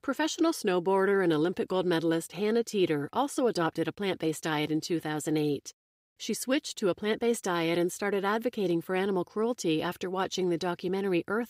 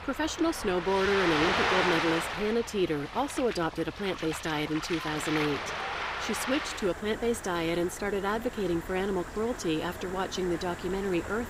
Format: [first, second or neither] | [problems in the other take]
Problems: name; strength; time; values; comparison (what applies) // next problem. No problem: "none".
first | rain or running water; loud; throughout; 4 dB below the speech